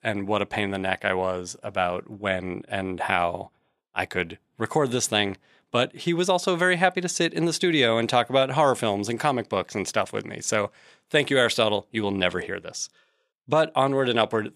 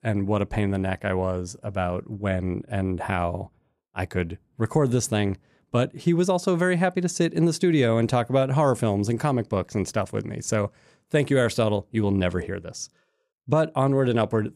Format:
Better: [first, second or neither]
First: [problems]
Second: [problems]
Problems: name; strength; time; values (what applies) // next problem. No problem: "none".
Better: second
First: thin; somewhat; fading below 400 Hz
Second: none